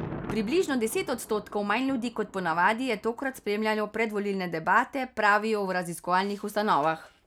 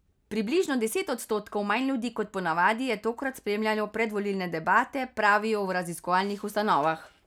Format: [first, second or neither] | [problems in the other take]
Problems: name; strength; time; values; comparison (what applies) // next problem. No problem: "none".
second | background sound (Thunder); 18 dB below the speech